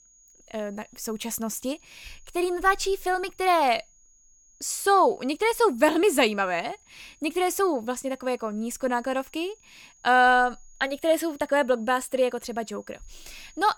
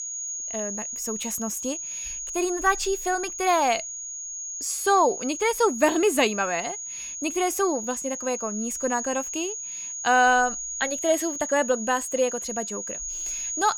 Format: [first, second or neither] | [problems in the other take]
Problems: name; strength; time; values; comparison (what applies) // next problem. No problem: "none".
first | high-pitched whine; loud; throughout; 6.5 kHz, 6 dB below the speech; faint in the first